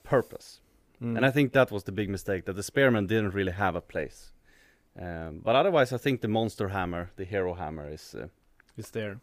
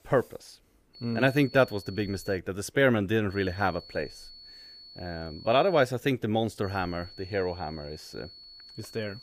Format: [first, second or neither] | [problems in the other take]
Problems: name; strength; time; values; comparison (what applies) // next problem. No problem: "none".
first | high-pitched whine; noticeable; from 1 to 2.5 s, from 3.5 to 6 s and from 6.5 s on; 4.5 kHz, 20 dB below the speech